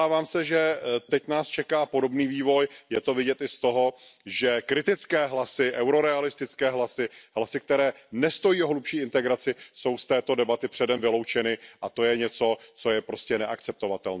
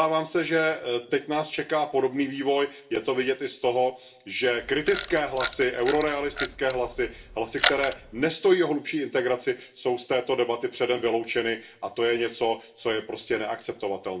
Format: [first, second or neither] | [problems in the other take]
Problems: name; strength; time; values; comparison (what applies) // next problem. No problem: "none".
first | background sound (Camera); 7 dB below the speech // room echo; dies away in 0.4 s